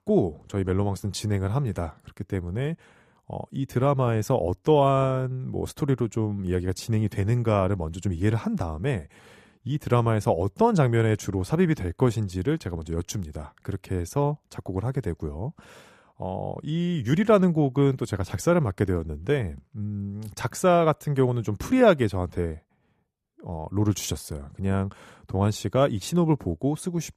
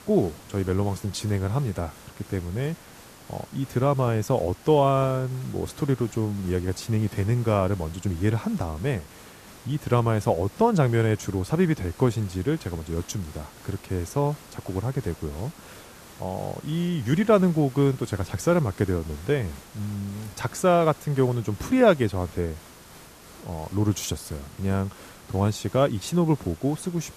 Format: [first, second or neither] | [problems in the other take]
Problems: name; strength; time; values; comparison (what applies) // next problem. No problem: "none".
first | hiss; faint; throughout; 20 dB below the speech